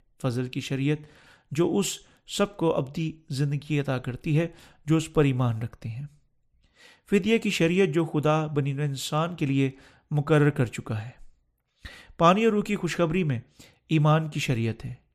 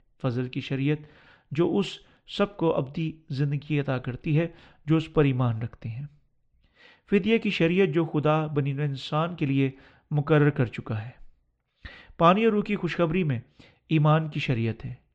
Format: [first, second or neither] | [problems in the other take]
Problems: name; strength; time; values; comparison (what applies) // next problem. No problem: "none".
first | muffled; slightly; fading above 4 kHz